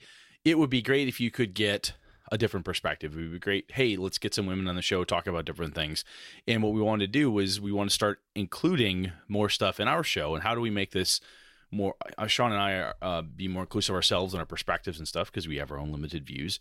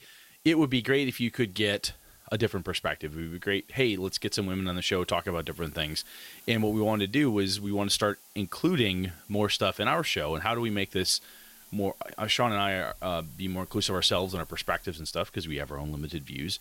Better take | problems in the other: first | hiss; faint; throughout; 20 dB below the speech

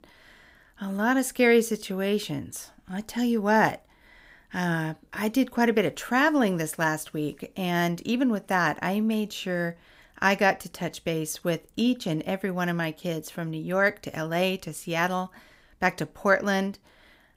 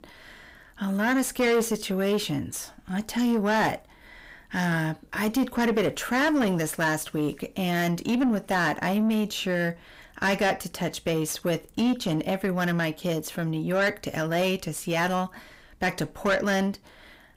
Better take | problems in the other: first | distortion; heavy; 7 dB below the speech

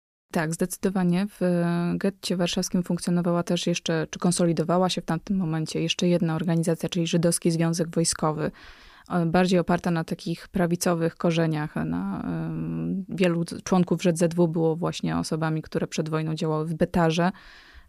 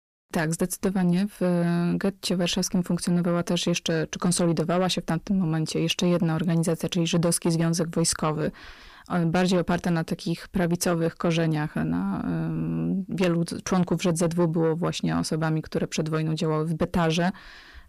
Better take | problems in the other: first | distortion; slight; 10 dB below the speech

